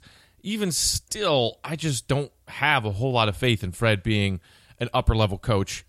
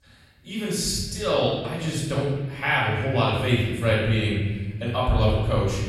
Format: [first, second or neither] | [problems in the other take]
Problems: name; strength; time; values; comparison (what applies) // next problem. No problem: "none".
first | off-mic speech; far // room echo; strong; dies away in 1.7 s